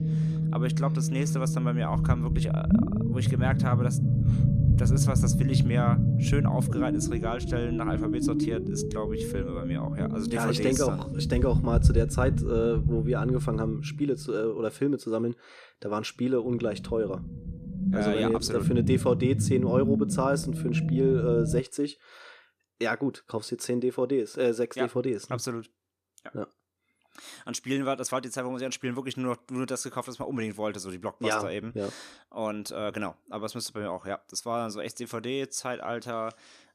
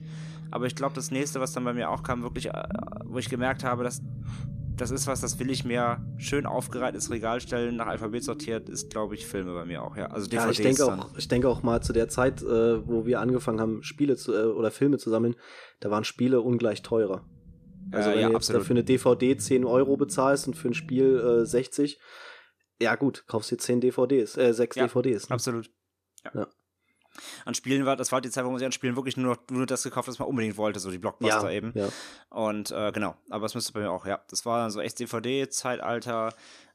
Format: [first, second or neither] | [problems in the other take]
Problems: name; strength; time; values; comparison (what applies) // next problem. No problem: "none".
second | low rumble; loud; until 22 s; 4 dB below the speech; faint in the second